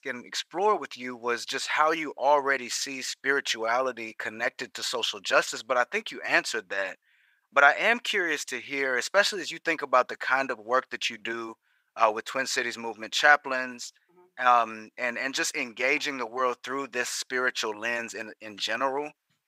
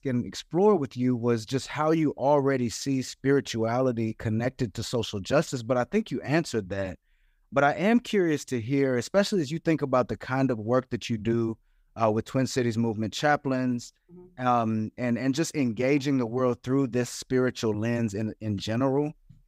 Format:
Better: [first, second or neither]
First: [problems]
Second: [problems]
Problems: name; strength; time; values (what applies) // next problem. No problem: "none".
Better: second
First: thin; very; fading below 700 Hz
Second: none